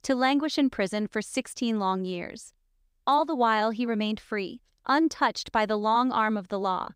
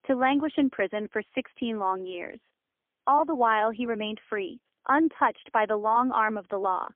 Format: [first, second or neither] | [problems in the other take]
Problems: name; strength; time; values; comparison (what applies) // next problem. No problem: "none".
first | phone-call audio; poor line; nothing above 3.5 kHz